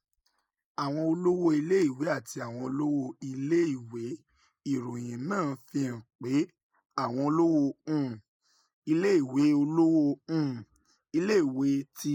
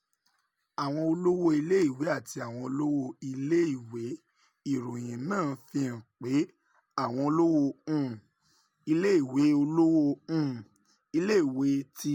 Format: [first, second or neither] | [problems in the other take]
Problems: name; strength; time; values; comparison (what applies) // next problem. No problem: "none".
second | noise reduction (neural mask model Resemble Enhance denoiser)